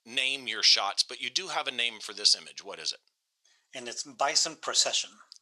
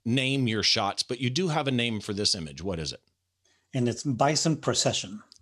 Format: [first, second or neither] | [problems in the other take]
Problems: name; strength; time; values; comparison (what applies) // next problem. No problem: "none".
second | thin; very; fading below 850 Hz